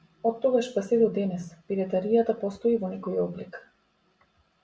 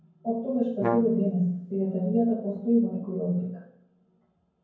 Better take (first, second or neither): first